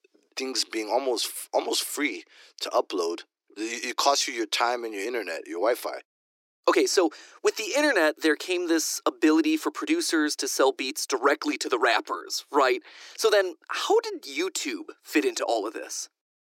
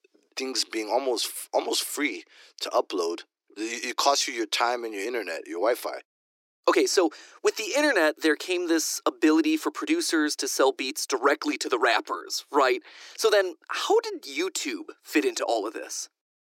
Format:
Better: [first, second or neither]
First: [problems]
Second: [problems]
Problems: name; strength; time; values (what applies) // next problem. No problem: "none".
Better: neither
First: thin; very; fading below 300 Hz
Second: thin; very; fading below 300 Hz